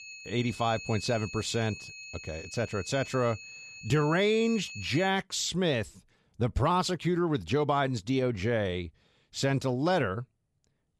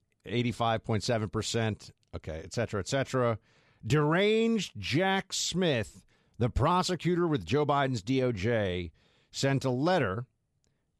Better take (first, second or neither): second